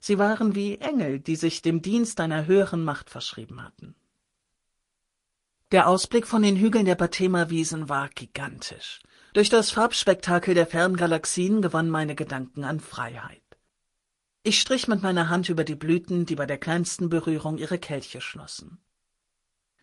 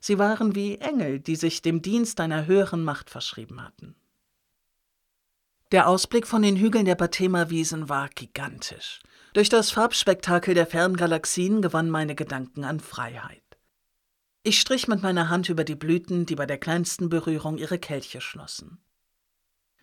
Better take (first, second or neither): second